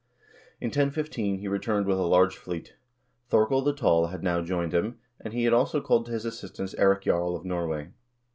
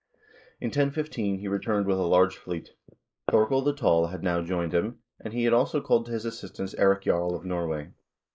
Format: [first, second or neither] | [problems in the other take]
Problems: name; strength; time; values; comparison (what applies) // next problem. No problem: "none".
first | noise reduction (neural mask model Resemble Enhance denoiser)